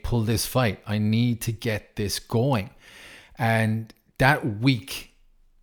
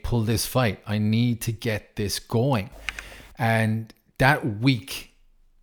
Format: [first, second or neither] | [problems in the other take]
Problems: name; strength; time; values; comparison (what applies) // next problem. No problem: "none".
first | keyboard typing; faint; at 3 s; peak 10 dB below the speech